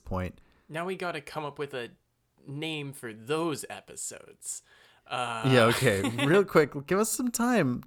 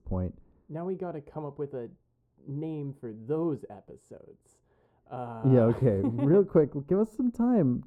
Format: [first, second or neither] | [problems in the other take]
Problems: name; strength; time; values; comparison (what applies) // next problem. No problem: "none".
first | muffled; very; fading above 1 kHz